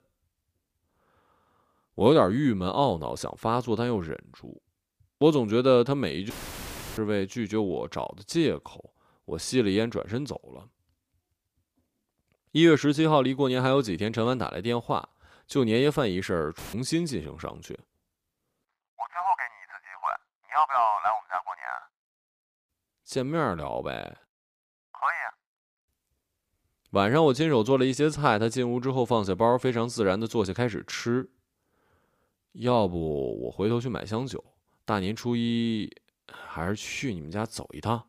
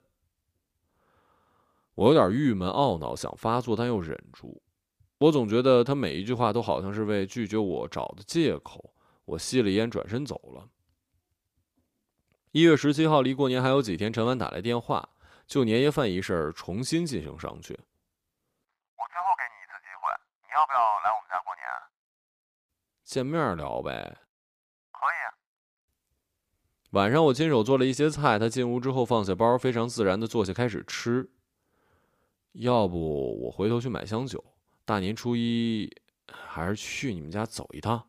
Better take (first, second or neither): second